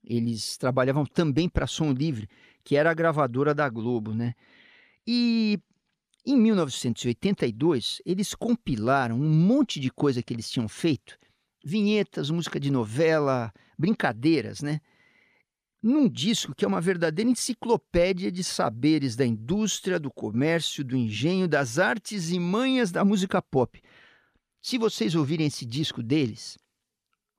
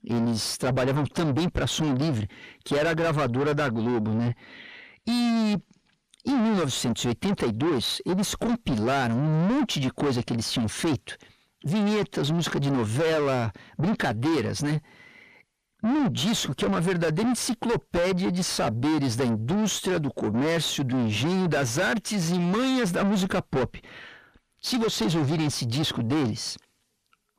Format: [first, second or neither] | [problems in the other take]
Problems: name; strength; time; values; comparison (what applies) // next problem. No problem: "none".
first | distortion; heavy; 6 dB below the speech